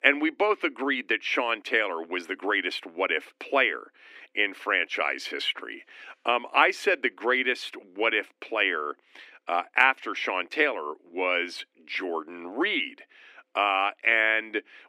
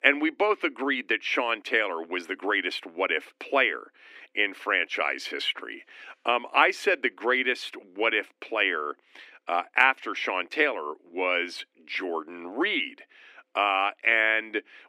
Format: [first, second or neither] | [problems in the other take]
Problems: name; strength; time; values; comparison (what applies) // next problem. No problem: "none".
neither | thin; somewhat; fading below 250 Hz; the same in both